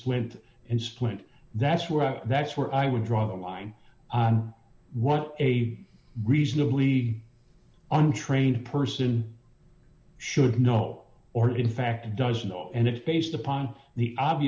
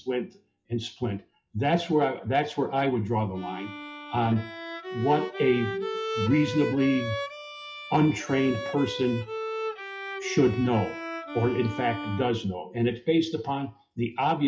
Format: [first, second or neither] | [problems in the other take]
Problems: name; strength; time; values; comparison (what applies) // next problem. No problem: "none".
first | noise reduction (classical method WPE with log-MMSE)